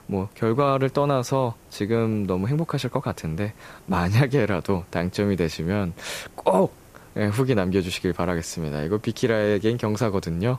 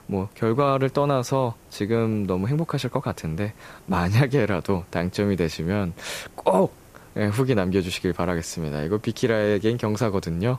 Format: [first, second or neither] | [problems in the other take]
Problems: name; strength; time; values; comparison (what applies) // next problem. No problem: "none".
neither | hiss; faint; throughout; 25 dB below the speech; the same in both